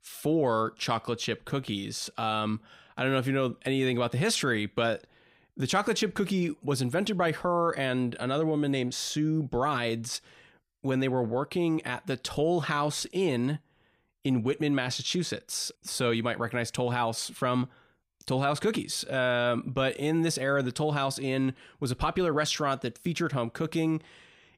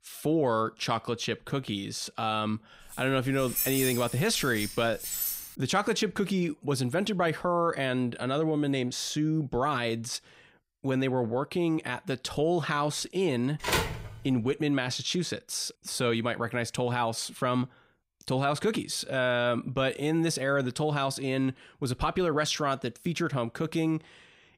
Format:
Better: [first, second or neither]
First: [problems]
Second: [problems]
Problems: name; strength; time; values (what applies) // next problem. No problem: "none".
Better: first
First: none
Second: jangling keys; loud; from 3 to 5.5 s; peak 1 dB above the speech // phone ringing; loud; at 14 s; peak 1 dB above the speech